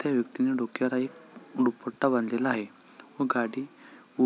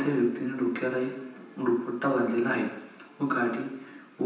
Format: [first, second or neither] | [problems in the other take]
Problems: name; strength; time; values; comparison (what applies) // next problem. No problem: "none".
first | room echo; dies away in 0.9 s